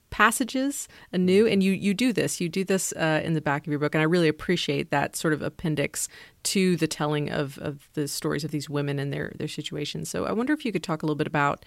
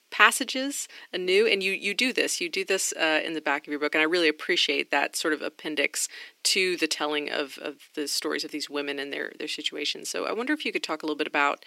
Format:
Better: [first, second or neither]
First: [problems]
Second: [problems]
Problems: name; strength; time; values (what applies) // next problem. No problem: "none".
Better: first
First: none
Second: thin; somewhat; fading below 300 Hz